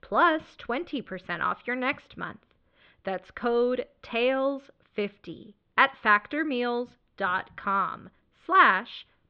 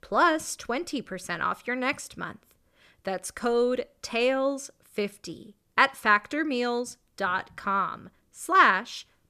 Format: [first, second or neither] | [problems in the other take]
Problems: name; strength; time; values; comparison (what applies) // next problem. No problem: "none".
second | muffled; slightly; fading above 3.5 kHz